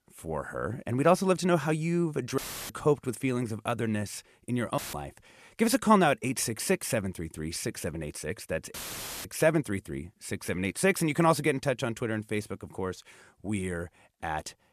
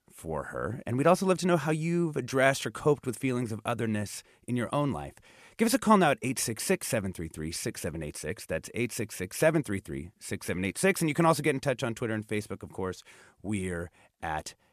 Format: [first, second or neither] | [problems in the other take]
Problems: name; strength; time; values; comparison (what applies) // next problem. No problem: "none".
second | audio cutting out; filled with static; at 2.5 s, at 5 s and at 8.5 s for 0.5 s